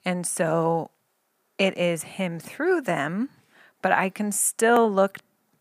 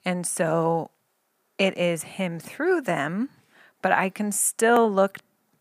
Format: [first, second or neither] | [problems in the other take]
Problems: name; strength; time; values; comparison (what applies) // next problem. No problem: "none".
neither | none